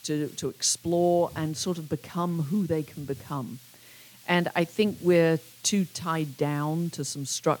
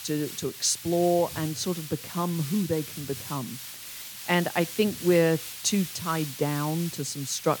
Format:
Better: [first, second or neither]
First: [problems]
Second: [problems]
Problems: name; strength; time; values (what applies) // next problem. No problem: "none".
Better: first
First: hiss; faint; throughout; 20 dB below the speech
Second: hiss; loud; throughout; 10 dB below the speech